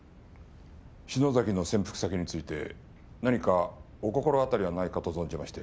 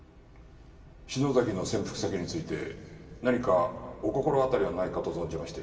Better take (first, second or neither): first